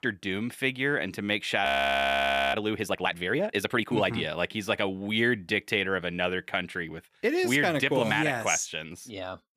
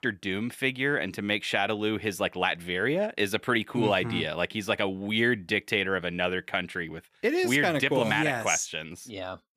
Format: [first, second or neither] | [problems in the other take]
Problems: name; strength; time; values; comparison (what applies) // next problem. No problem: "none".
second | audio freezing; at 1.5 s for 1 s